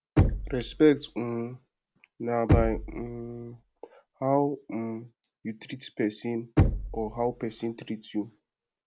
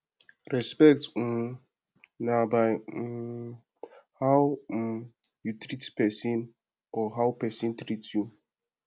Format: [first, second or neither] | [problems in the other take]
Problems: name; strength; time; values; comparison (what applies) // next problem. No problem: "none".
second | background sound (Knock); as loud as the speech